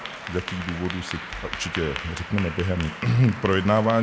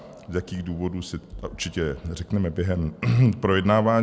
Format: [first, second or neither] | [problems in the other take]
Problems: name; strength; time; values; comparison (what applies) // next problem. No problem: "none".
second | background sound (Applause / Clapping); 11 dB below the speech